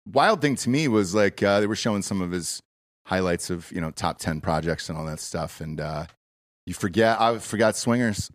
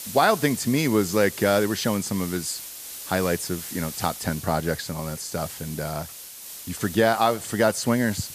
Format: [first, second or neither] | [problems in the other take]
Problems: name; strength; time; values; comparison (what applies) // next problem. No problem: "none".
first | hiss; noticeable; throughout; 10 dB below the speech